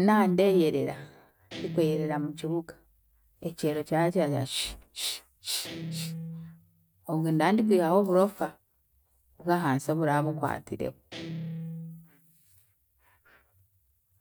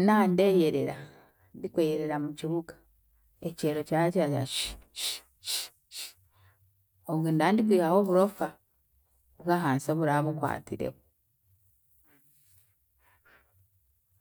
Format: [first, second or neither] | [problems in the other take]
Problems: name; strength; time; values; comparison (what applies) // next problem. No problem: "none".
second | background sound (Guitar); 13 dB below the speech